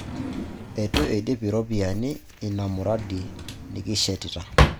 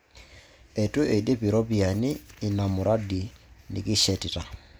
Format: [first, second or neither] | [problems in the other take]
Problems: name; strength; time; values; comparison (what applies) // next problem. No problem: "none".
second | background sound (Drawer open or close); 1 dB below the speech